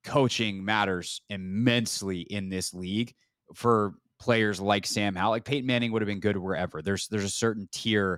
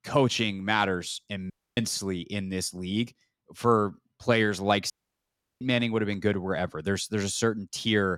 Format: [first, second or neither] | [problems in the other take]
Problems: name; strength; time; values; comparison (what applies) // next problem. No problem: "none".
first | audio cutting out; at 1.5 s and at 5 s for 0.5 s